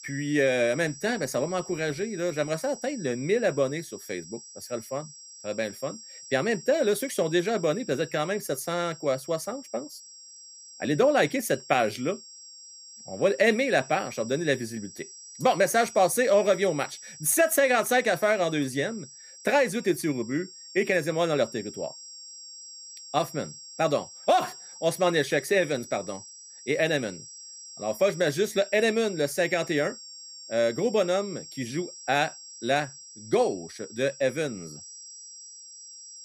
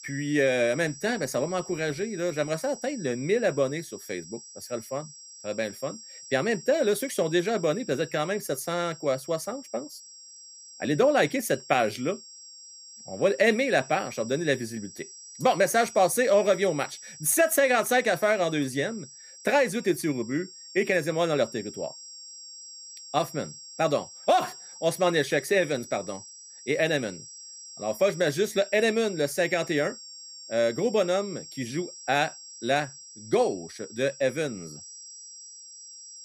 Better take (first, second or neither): neither